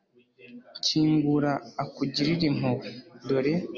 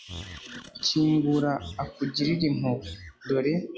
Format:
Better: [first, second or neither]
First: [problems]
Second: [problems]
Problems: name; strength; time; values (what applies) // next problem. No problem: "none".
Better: first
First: none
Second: noise reduction (classical method log-MMSE)